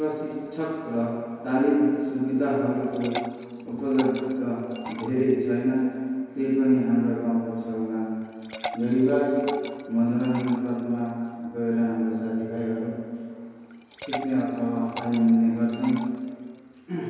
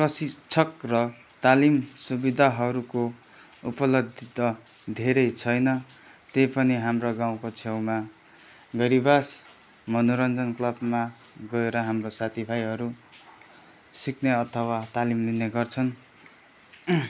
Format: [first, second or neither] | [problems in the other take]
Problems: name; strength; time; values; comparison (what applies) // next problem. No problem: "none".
second | background sound (Liquid); 17 dB below the speech // room echo; dies away in 2.2 s